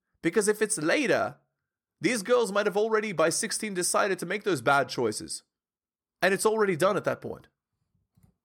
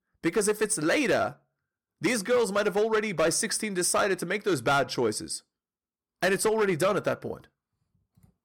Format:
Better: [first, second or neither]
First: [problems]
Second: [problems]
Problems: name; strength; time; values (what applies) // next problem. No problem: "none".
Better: first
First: none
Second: distortion; slight; 6% of the sound clipped